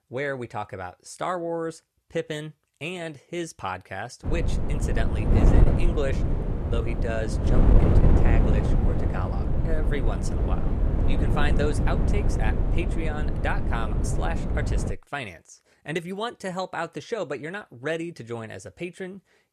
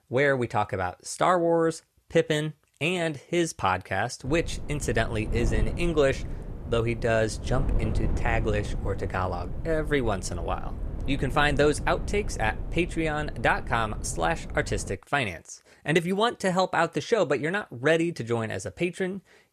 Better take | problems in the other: second | wind noise on the microphone; heavy; from 4 to 15 s; 1 dB below the speech; occasional gusts in the second

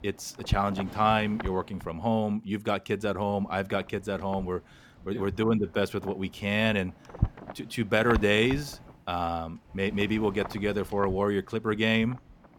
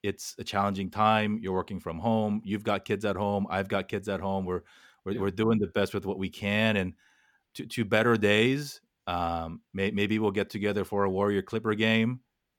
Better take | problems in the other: second | wind noise on the microphone; occasional gusts; 15 dB below the speech

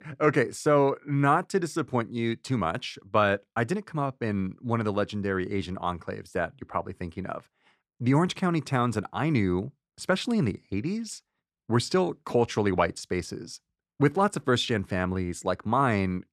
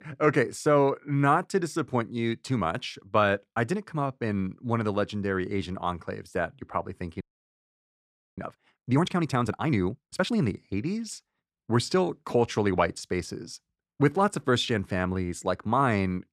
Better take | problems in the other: first | audio freezing; at 7 s for 1 s

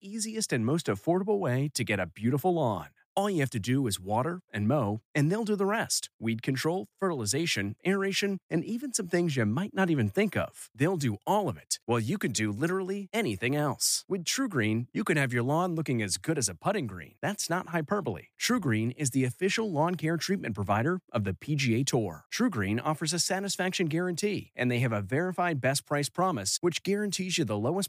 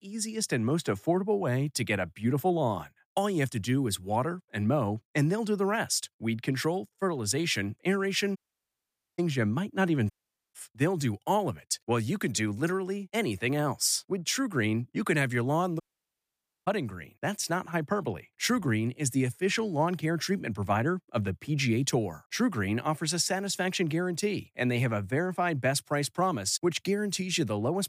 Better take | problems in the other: first | audio cutting out; at 8.5 s for 1 s, at 10 s and at 16 s for 1 s

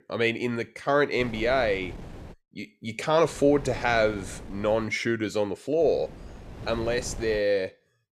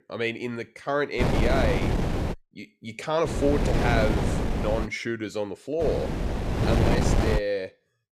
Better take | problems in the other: first | wind noise on the microphone; heavy; from 1 to 2.5 s, from 3.5 to 5 s and from 6 to 7.5 s; 2 dB below the speech; occasional gusts in the first

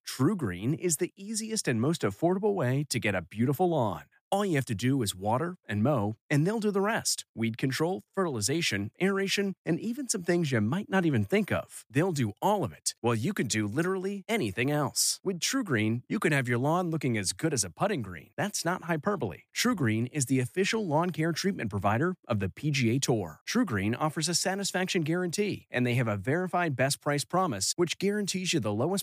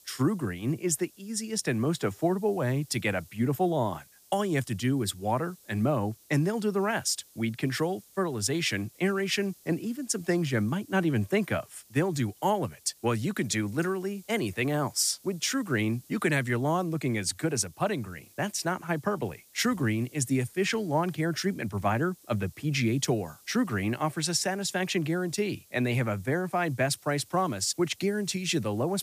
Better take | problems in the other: first | hiss; faint; throughout; 25 dB below the speech

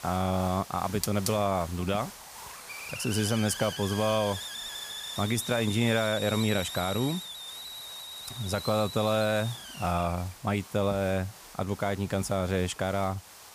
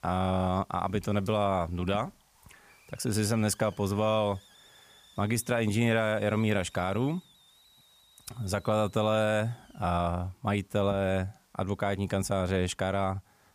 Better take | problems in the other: second | hiss; loud; throughout; 9 dB below the speech; faint in the second

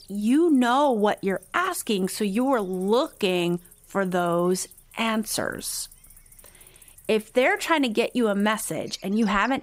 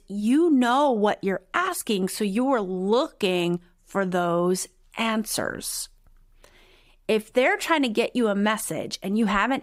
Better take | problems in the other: second | animal sounds; faint; throughout; 25 dB below the speech

